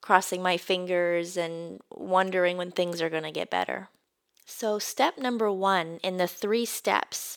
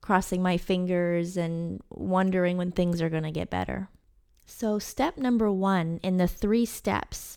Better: second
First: thin; somewhat; fading below 450 Hz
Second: none

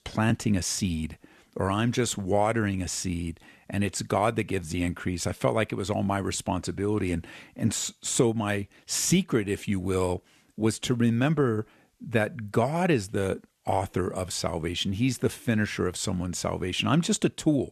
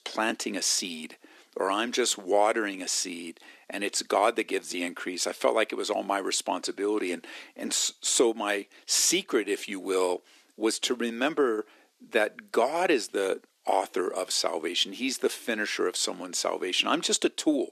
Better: first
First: none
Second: thin; somewhat; fading below 300 Hz

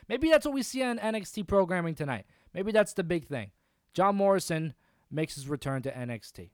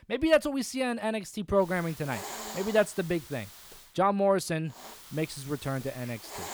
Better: first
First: none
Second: hiss; noticeable; from 1.5 to 4 s and from 5 s on; 15 dB below the speech

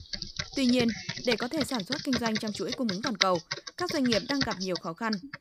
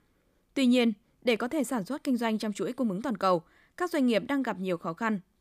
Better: second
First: keyboard typing; loud; peak 2 dB above the speech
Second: none

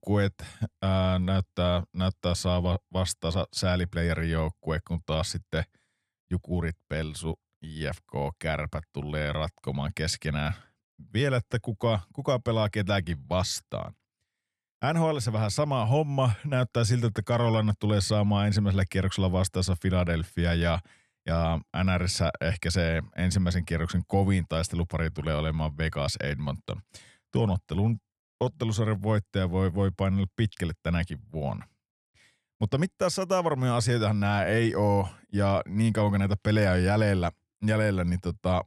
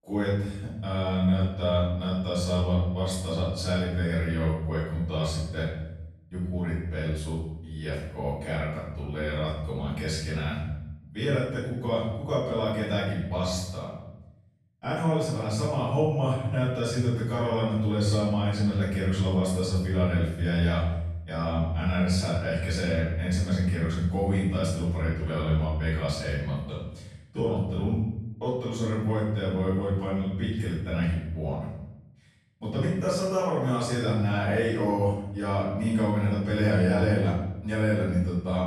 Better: first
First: none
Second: off-mic speech; far // room echo; strong; dies away in 0.9 s

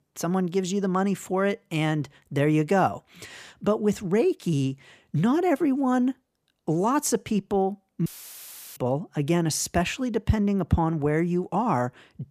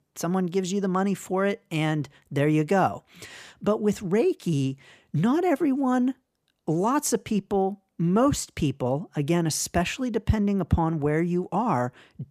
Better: second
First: audio cutting out; filled with static; at 8 s for 0.5 s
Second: none

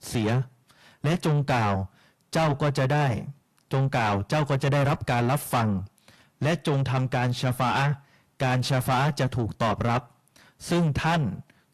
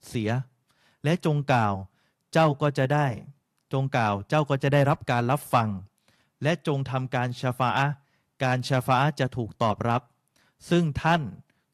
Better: second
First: distortion; heavy; 6 dB below the speech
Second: none

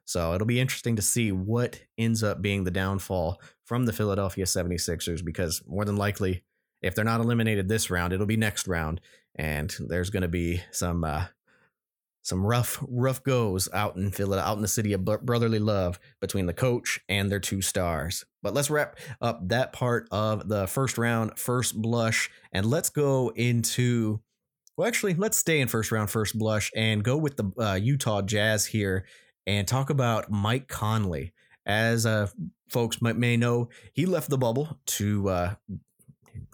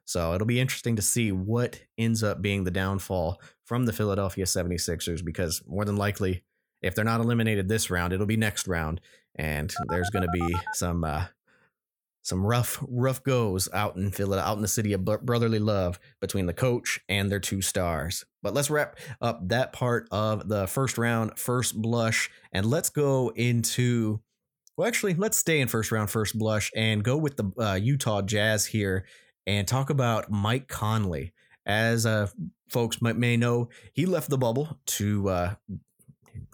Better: first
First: none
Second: phone ringing; noticeable; at 10 s; peak 6 dB below the speech

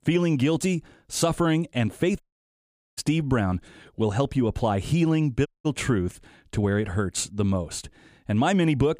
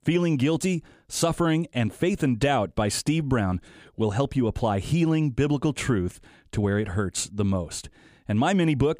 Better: second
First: audio cutting out; at 2 s for 1 s and at 5.5 s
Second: none

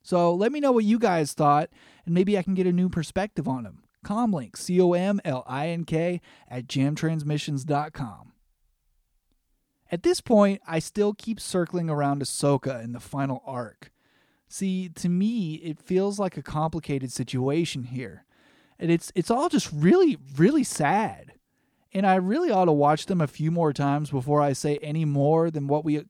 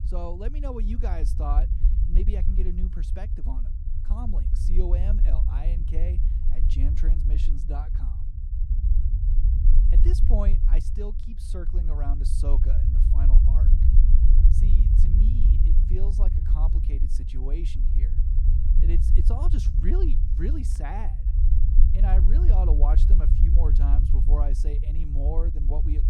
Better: first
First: none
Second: low rumble; loud; throughout; 4 dB below the speech

